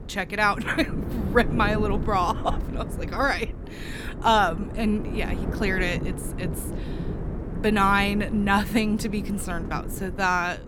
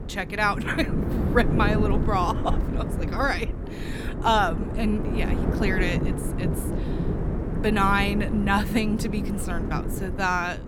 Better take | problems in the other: first | wind noise on the microphone; heavy; 9 dB below the speech; occasional gusts in the first

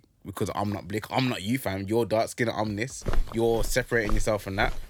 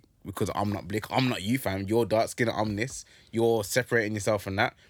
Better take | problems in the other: second | footsteps; noticeable; from 3 s on; peak 6 dB below the speech

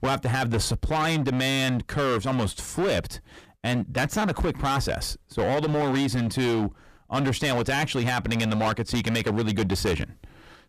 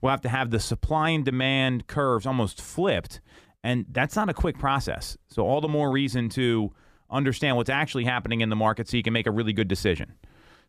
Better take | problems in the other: second | distortion; heavy; 21% of the sound clipped

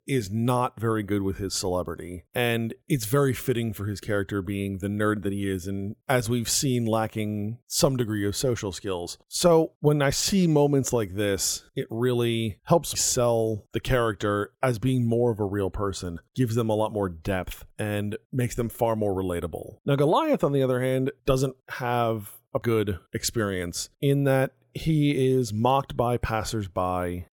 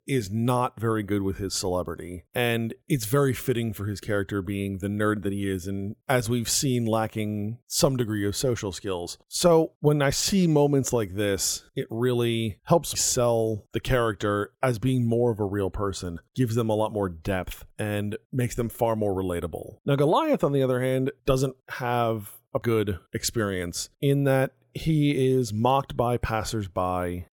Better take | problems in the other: neither | none

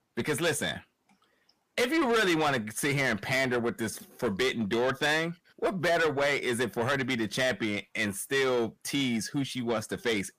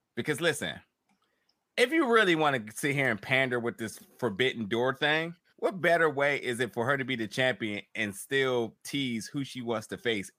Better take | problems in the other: second | distortion; heavy; 7 dB below the speech

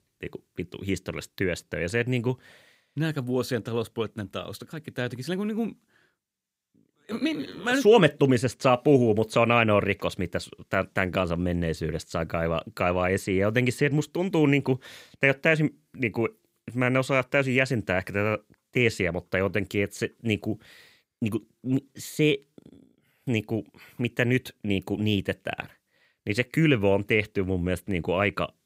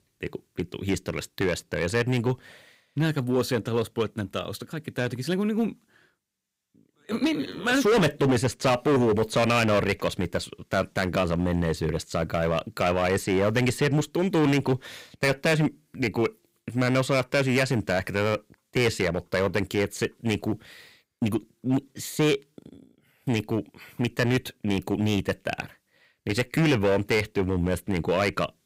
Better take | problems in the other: first | distortion; heavy; 7% of the sound clipped

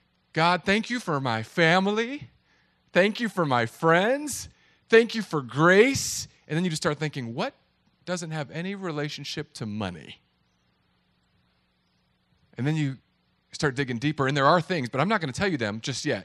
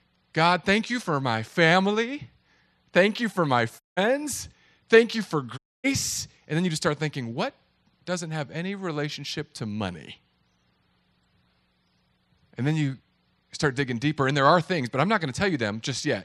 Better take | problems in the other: first | audio cutting out; at 4 s and at 5.5 s

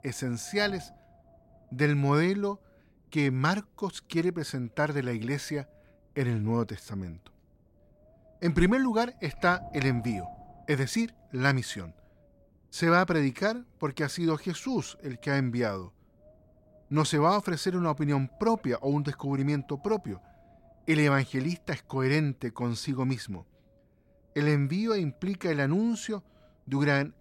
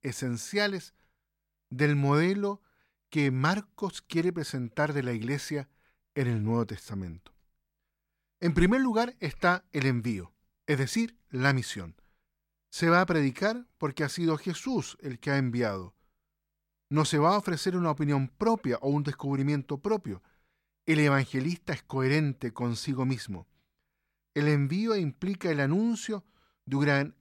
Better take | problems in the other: second | wind noise on the microphone; occasional gusts; 20 dB below the speech

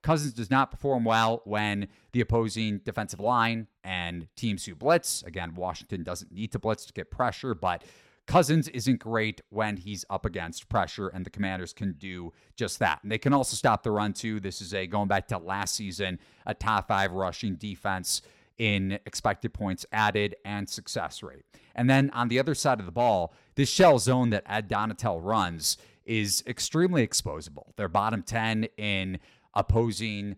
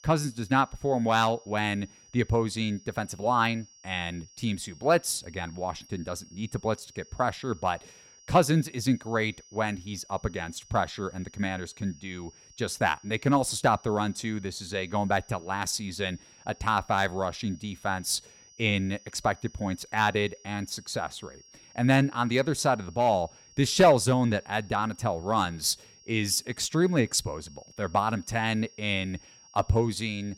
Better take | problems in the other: first | high-pitched whine; faint; throughout; 5.5 kHz, 25 dB below the speech

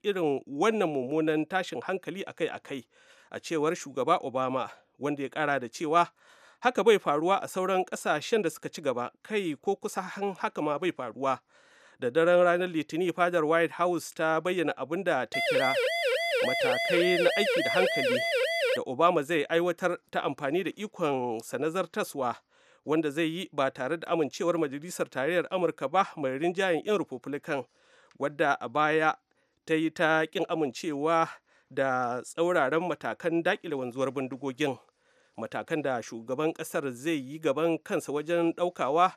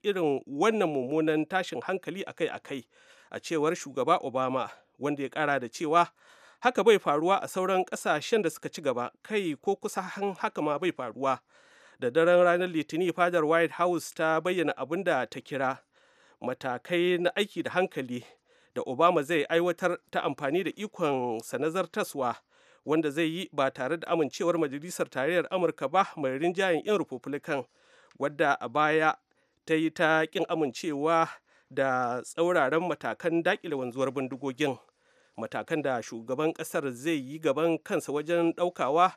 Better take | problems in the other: second | siren; loud; from 15 to 19 s; peak 3 dB above the speech

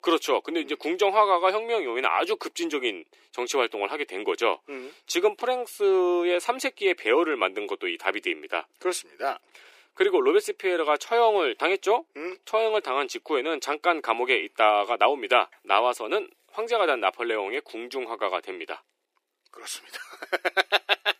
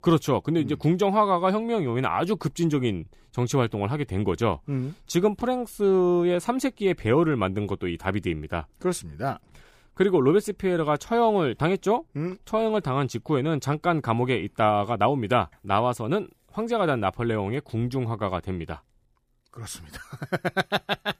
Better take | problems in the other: second | thin; very; fading below 350 Hz

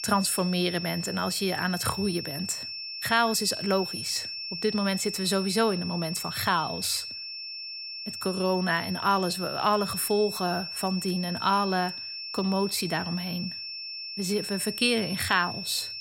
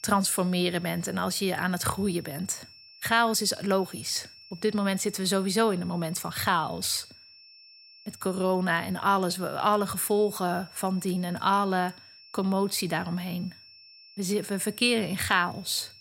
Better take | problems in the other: second | high-pitched whine; loud; throughout; 5.5 kHz, 6 dB below the speech; faint in the second

